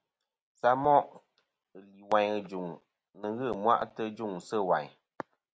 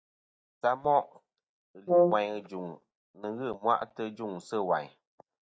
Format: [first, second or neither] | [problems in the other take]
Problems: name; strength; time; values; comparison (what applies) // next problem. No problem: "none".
first | noise reduction (neural mask model DeepFilterNet 3)